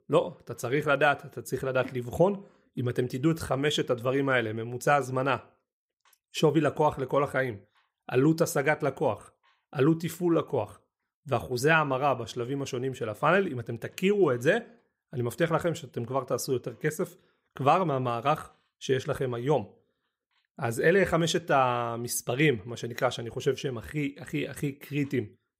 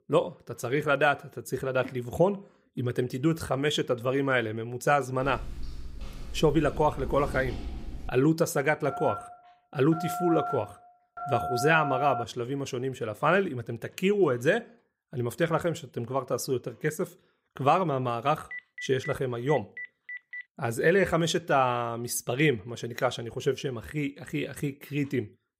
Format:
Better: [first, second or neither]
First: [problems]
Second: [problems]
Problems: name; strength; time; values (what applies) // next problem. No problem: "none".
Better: first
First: none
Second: footsteps; noticeable; from 5 to 8 s; peak 10 dB below the speech // phone ringing; noticeable; from 9 to 12 s; peak 4 dB below the speech // phone ringing; faint; from 19 to 20 s; peak 10 dB below the speech